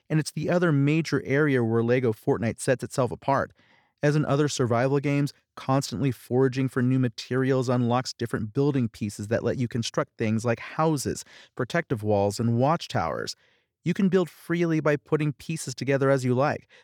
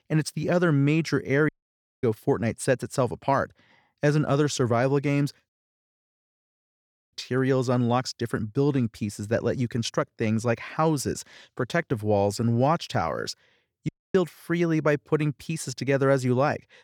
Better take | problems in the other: first | audio cutting out; at 1.5 s for 0.5 s, at 5.5 s for 1.5 s and at 14 s

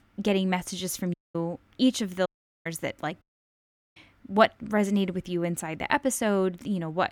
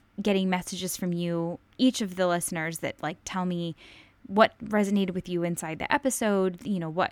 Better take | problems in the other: second | audio cutting out; at 1 s, at 2.5 s and at 3 s for 0.5 s

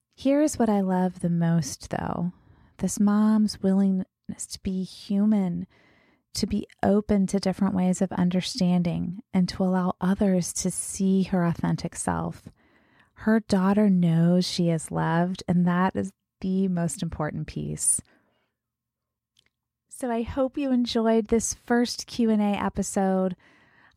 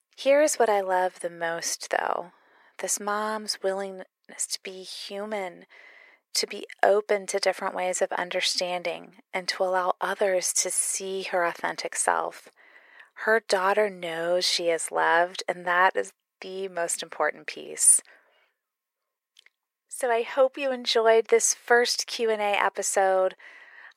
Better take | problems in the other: first | thin; very; fading below 450 Hz

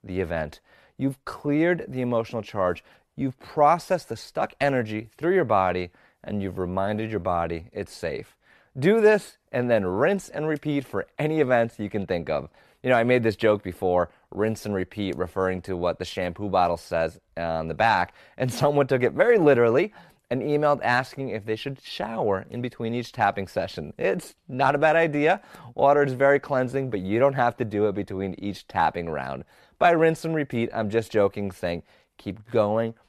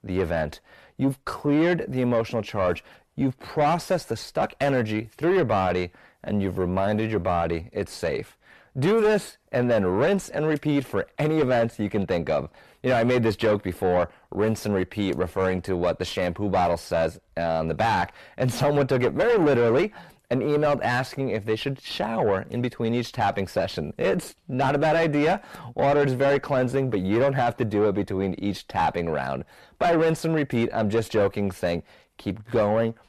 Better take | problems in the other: first | distortion; heavy; 8 dB below the speech

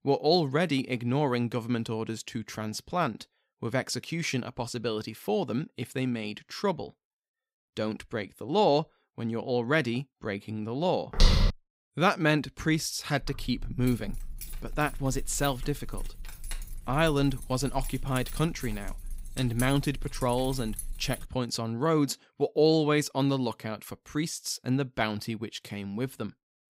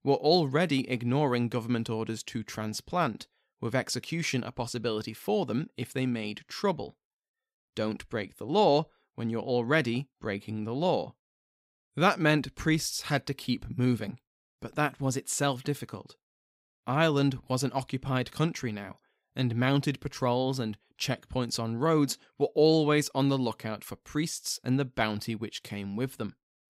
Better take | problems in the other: second | footsteps; loud; at 11 s; peak 5 dB above the speech // jangling keys; noticeable; from 13 to 21 s; peak 9 dB below the speech

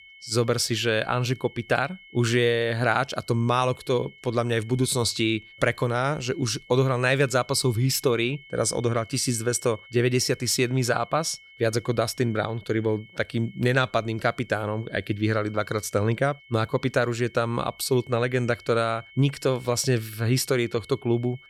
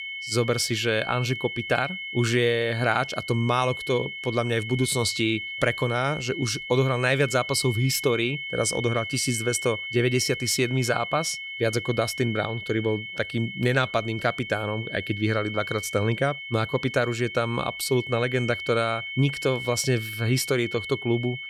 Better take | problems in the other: first | high-pitched whine; loud; throughout; 2 kHz, 7 dB below the speech; faint in the first

